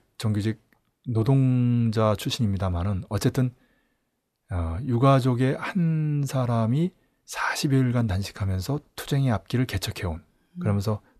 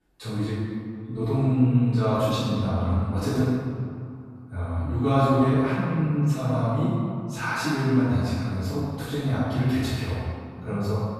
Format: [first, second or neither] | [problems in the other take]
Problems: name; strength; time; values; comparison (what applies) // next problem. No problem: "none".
first | off-mic speech; far // room echo; strong; dies away in 2.2 s